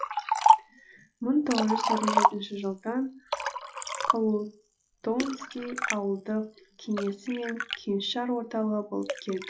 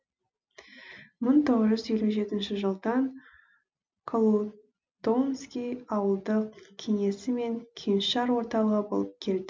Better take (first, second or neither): second